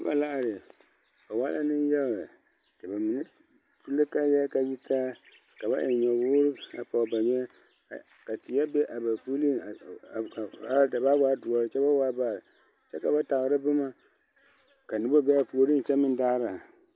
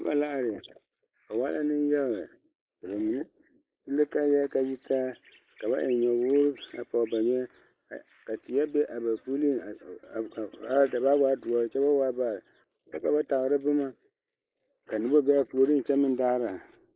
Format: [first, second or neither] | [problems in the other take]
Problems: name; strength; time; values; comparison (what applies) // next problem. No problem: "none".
first | noise reduction (neural mask model Resemble Enhance denoiser)